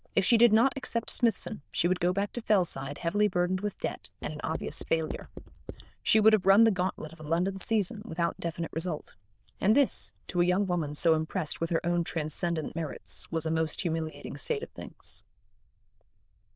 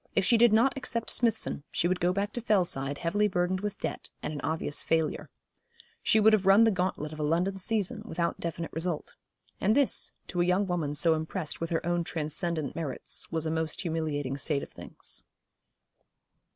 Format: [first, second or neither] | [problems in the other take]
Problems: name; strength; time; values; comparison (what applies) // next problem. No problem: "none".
second | noise reduction (neural diffusion model UNIVERSE++)